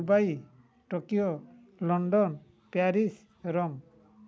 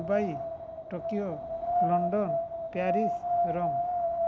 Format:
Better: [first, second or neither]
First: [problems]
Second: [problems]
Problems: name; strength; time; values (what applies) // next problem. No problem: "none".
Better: first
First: none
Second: background sound (Wind); 3 dB above the speech